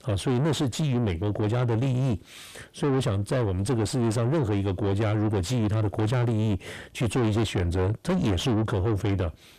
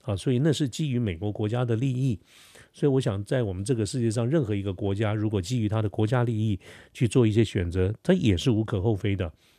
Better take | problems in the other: second | distortion; heavy; 7 dB below the speech

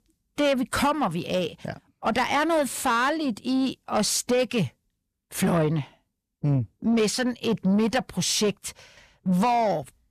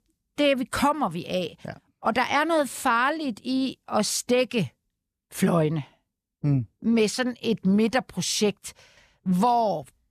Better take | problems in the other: second | distortion; slight; 10 dB below the speech

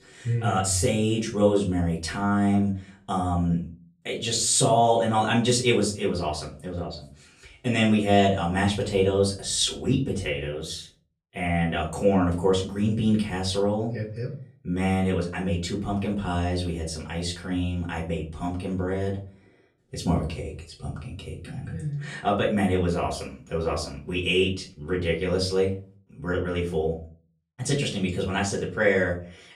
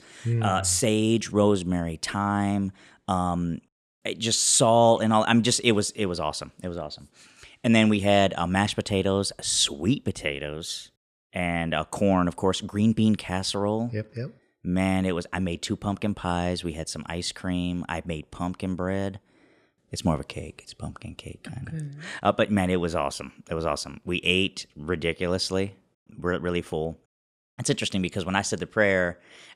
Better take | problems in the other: second | off-mic speech; far // room echo; slight; dies away in 0.3 s

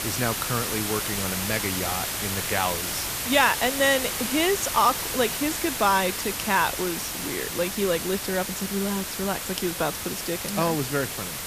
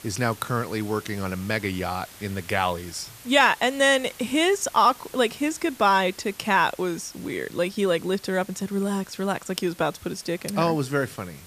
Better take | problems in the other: second | hiss; loud; throughout; 2 dB below the speech; faint in the second

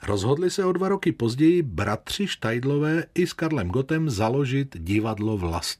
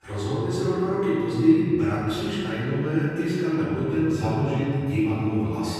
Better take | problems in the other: first | off-mic speech; far // room echo; strong; dies away in 2.4 s

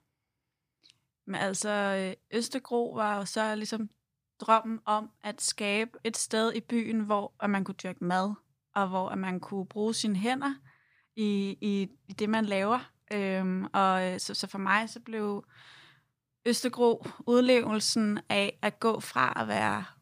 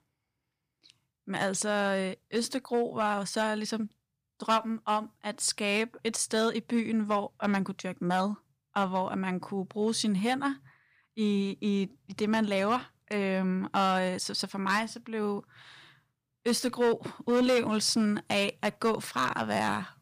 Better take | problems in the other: first | distortion; slight; 3% of the sound clipped

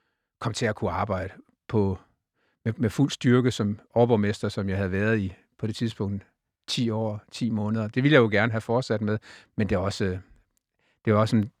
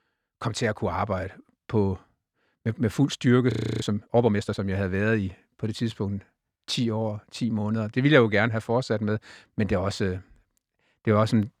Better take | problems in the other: first | audio freezing; at 3.5 s

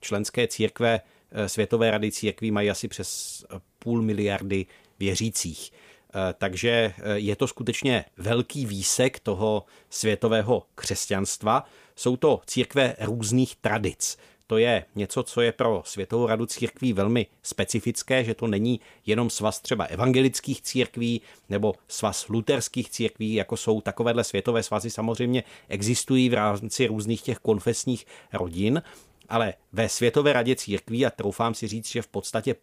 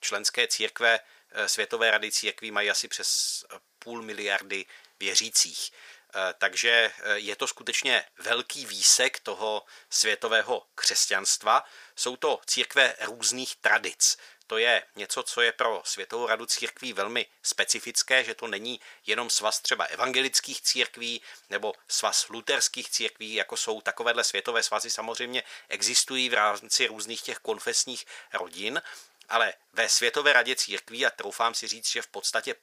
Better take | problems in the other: first | thin; very; fading below 700 Hz

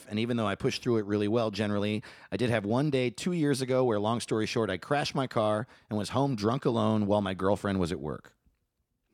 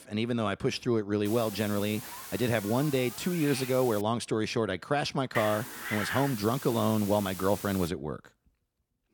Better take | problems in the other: first | hiss; loud; from 1.5 to 4 s and from 5.5 to 8 s; 9 dB below the speech

